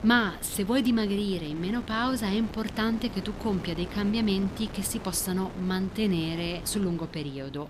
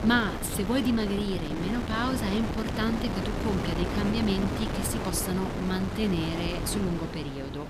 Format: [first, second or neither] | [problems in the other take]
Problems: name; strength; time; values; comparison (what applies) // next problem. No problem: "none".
first | wind noise on the microphone; heavy; 3 dB below the speech; occasional gusts in the first